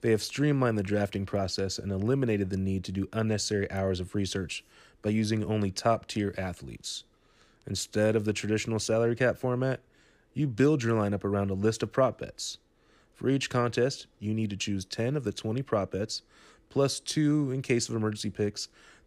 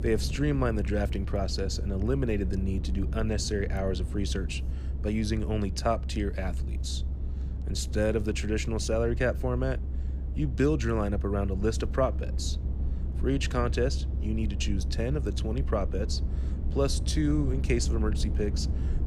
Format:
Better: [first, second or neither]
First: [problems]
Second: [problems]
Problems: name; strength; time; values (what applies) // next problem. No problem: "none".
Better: first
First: none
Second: low rumble; noticeable; throughout; 15 dB below the speech